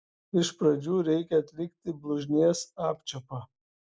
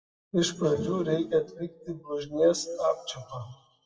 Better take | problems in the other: first | noise reduction (classical method WPE with log-MMSE)

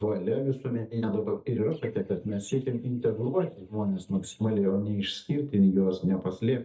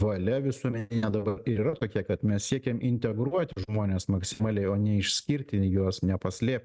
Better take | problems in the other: second | noise reduction (neural mask model DeepFilterNet 3)

